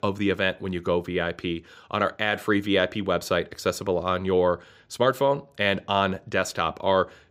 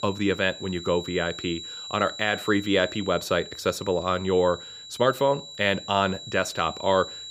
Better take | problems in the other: first | high-pitched whine; noticeable; throughout; 4 kHz, 10 dB below the speech

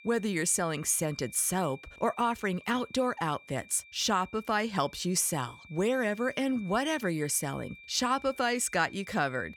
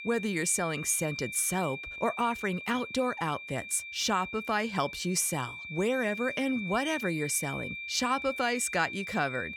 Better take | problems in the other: first | high-pitched whine; loud; throughout; 2.5 kHz, 8 dB below the speech; faint in the first

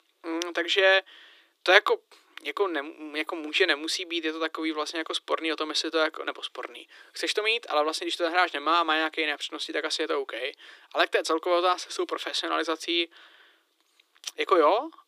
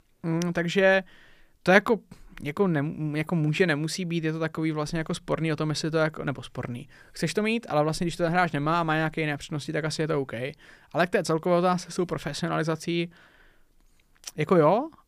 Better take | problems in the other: second | thin; very; fading below 300 Hz

